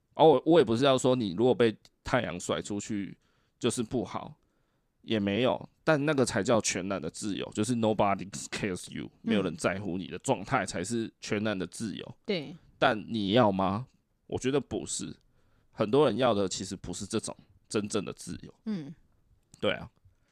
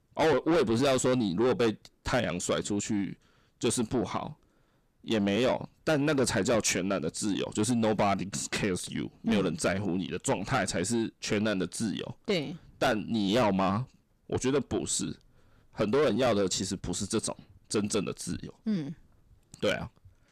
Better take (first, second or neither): first